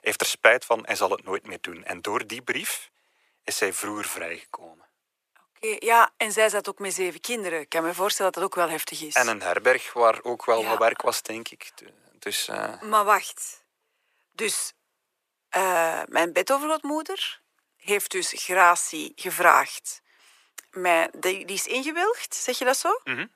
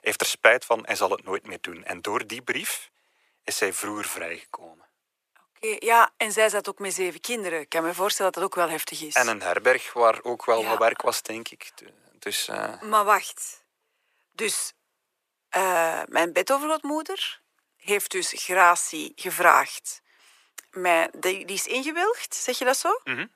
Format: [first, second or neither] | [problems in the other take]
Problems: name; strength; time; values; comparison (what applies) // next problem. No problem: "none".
neither | thin; very; fading below 550 Hz; the same in both